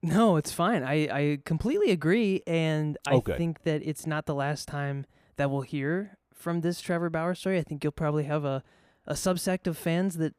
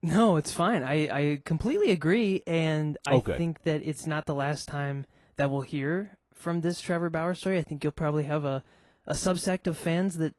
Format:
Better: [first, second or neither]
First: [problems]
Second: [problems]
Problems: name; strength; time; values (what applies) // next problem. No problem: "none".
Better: first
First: none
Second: garbled, watery; slightly; nothing above 11.5 kHz